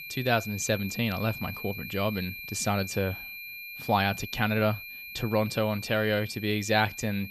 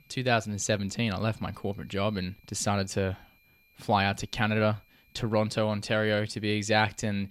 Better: second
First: high-pitched whine; loud; throughout; 2.5 kHz, 10 dB below the speech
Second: high-pitched whine; faint; throughout; 2.5 kHz, 35 dB below the speech

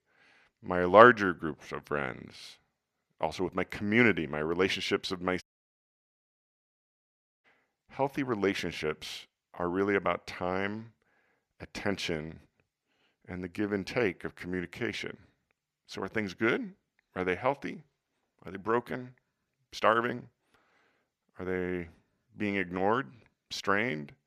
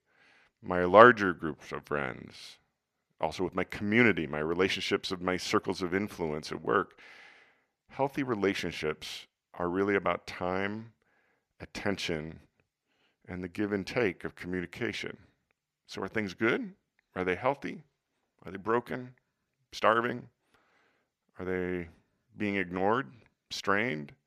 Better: second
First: audio cutting out; at 5.5 s for 2 s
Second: none

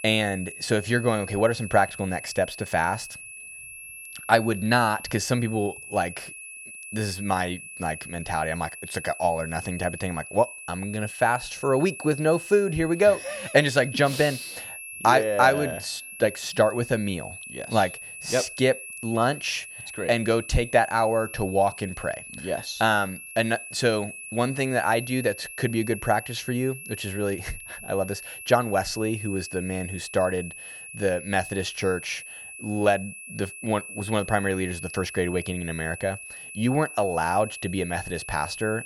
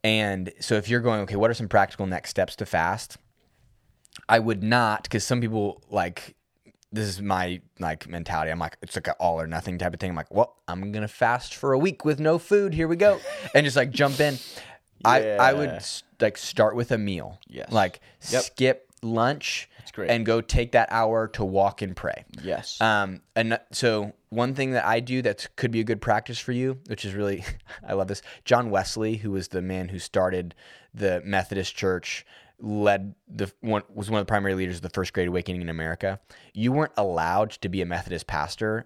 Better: second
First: high-pitched whine; noticeable; throughout; 2.5 kHz, 10 dB below the speech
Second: none

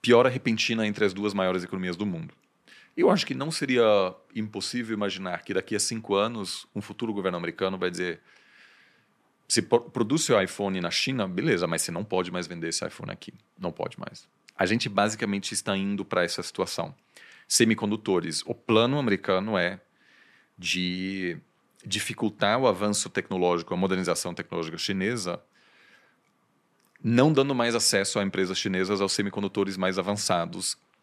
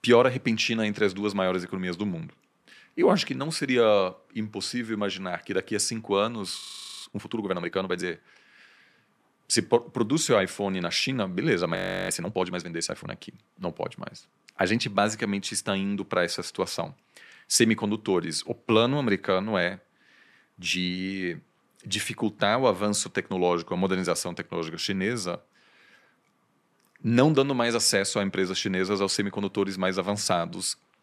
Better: first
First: none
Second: audio freezing; at 6.5 s and at 12 s

